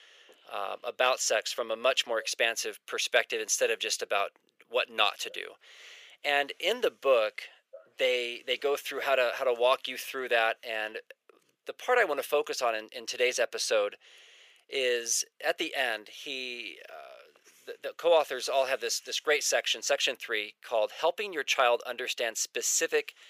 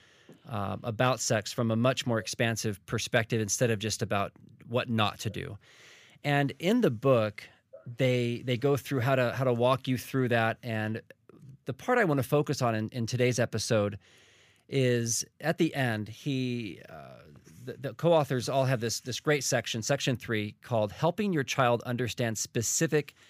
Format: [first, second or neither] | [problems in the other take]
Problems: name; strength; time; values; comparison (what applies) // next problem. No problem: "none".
second | thin; very; fading below 450 Hz